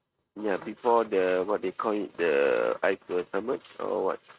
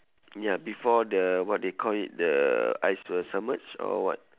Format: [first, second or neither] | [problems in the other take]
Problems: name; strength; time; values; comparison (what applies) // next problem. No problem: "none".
second | noise reduction (neural mask model RNNoise)